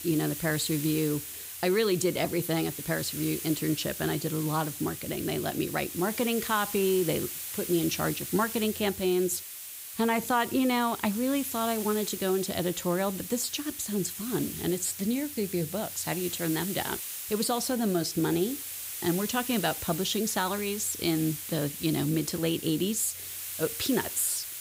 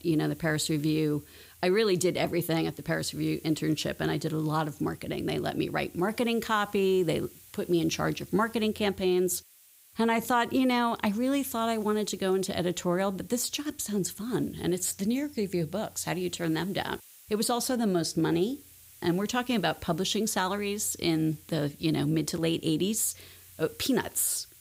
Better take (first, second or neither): second